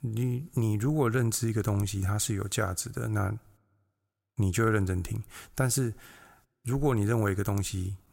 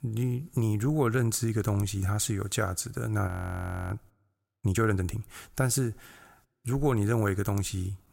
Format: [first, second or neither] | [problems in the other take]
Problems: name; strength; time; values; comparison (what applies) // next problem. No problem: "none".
first | audio freezing; at 3.5 s for 0.5 s